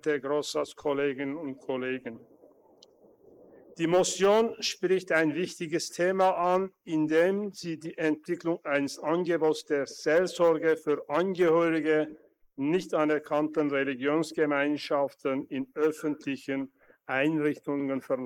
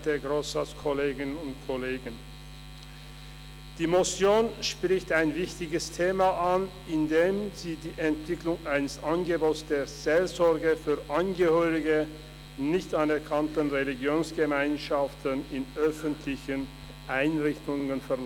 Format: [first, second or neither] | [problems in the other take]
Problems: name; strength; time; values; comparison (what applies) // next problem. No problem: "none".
second | noise reduction (neural mask model Resemble Enhance denoiser)